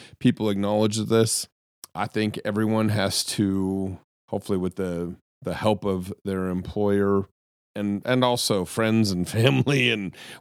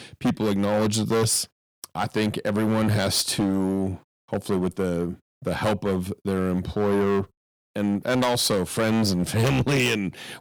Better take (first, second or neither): first